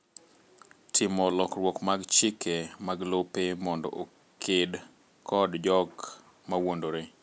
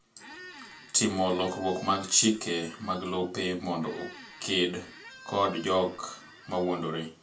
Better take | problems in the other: first | background sound (Squeak); 20 dB below the speech // room echo; dies away in 0.2 s

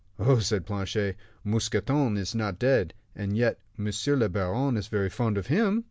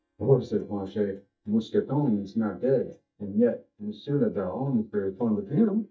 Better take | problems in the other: first | noise reduction (neural mask model DeepFilterNet 3)

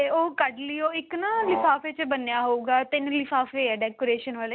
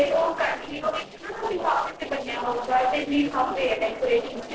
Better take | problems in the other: first | noise reduction (neural separator model SepFormer DNS4)

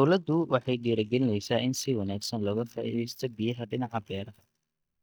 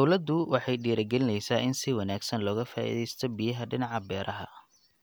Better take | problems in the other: second | noise reduction (neural mask model DeepFilterNet 3)

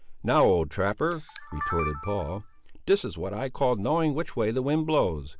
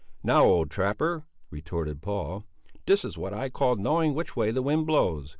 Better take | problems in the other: second | background sound (Camera); 11 dB below the speech

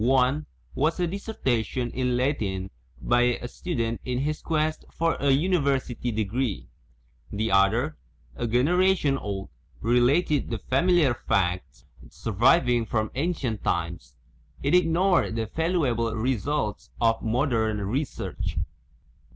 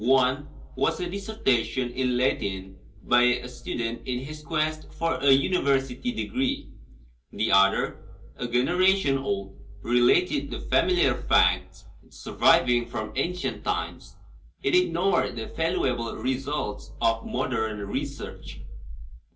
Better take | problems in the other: first | room echo; dies away in 0.3 s

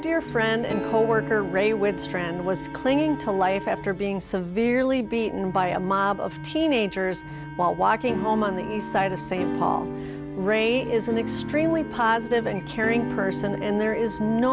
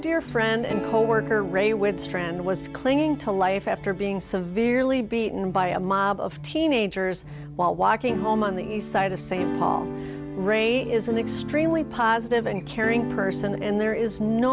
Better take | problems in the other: second | background sound (Telephone + Wind instrument, woodwind instrument); 16 dB below the speech

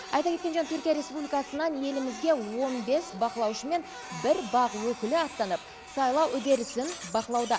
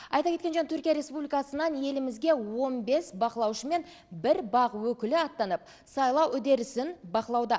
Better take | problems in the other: second | background sound (Printer); 14 dB below the speech

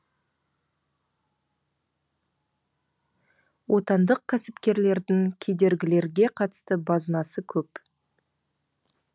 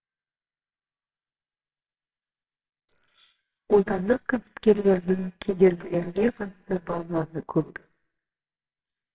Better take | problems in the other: first | noise reduction (neural separator model SepFormer WHAMR!)

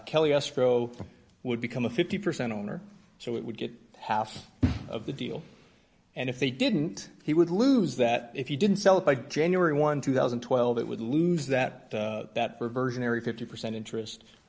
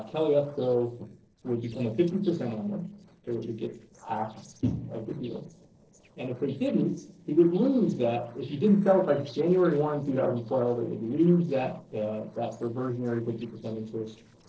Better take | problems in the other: first | noise reduction (neural separator model SepFormer DNS4)

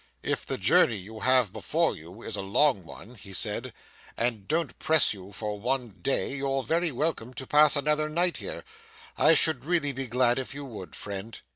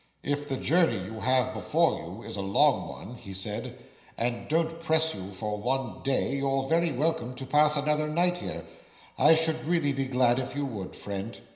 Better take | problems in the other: first | room echo; dies away in 0.9 s

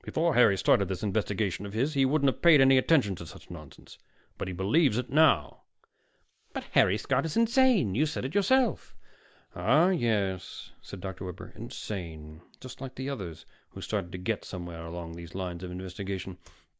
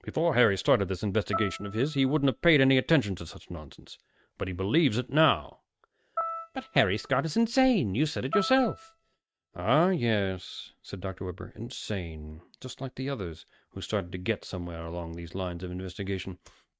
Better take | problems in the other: first | noise reduction (neural mask model RNNoise)

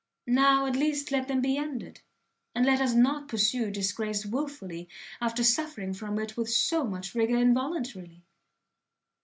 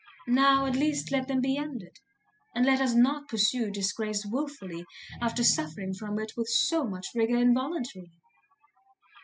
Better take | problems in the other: first | noise reduction (classical method spectral subtraction)

